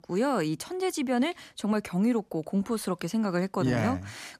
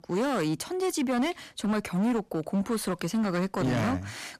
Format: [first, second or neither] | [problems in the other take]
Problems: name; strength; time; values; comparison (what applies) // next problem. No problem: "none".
first | distortion; slight; 16% of the sound clipped